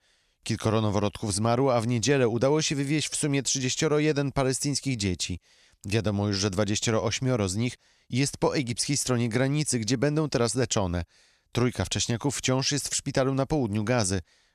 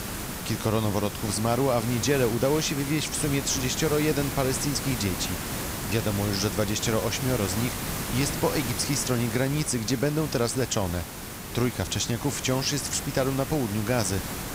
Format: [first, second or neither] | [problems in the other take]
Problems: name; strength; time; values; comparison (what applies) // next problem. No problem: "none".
first | hiss; loud; throughout; 6 dB below the speech